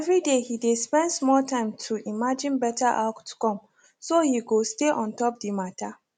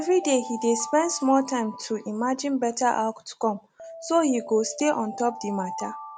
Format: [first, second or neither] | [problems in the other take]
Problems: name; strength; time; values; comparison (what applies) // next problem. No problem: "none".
first | background sound (Alarm); 14 dB below the speech